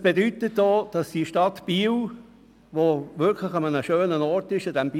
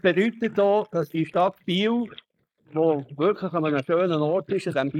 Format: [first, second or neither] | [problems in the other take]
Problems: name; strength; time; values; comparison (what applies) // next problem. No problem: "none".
first | noise reduction (neural mask model Resemble Enhance denoiser)